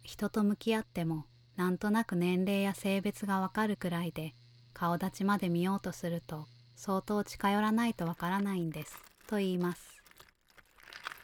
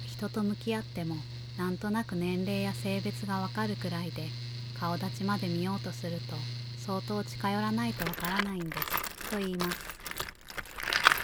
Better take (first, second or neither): first